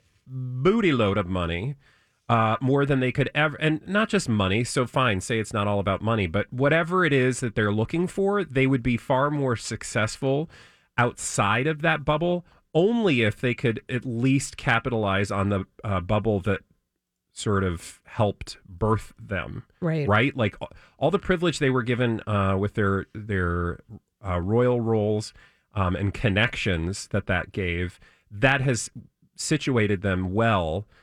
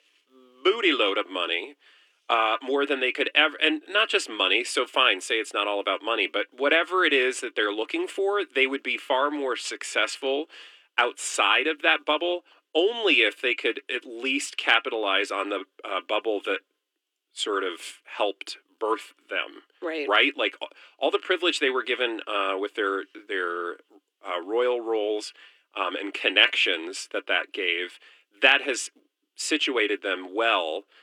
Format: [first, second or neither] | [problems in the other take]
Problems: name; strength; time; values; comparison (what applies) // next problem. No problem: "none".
first | thin; very; fading below 300 Hz